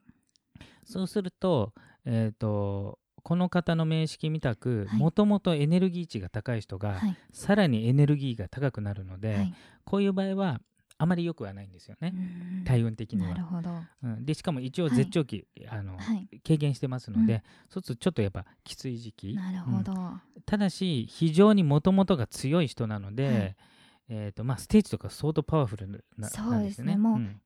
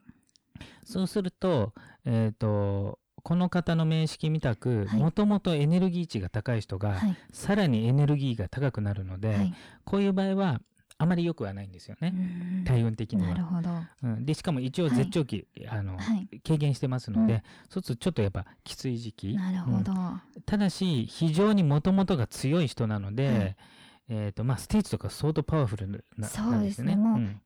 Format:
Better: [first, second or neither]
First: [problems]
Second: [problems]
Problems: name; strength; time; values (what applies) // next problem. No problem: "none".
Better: first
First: none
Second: distortion; slight; 10 dB below the speech